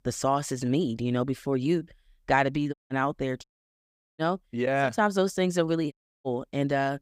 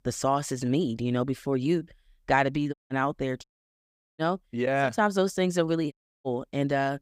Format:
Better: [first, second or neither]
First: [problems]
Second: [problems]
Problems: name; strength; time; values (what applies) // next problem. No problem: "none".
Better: neither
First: audio cutting out; at 2.5 s, at 3.5 s for 0.5 s and at 6 s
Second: audio cutting out; at 2.5 s, at 3.5 s for 0.5 s and at 6 s